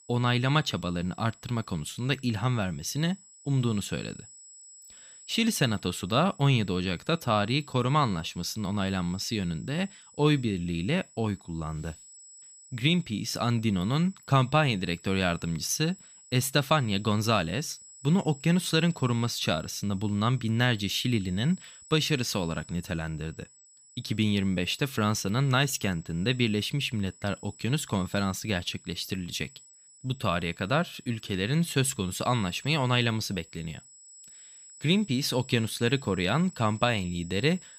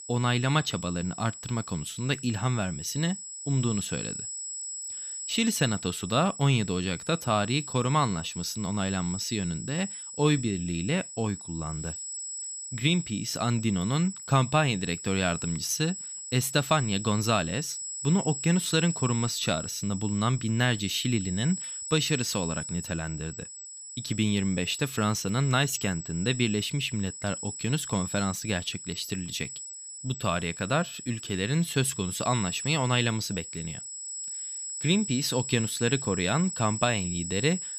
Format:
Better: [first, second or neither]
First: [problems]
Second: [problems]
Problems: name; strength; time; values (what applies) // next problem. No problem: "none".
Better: first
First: high-pitched whine; faint; throughout; 8 kHz, 20 dB below the speech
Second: high-pitched whine; loud; throughout; 8 kHz, 8 dB below the speech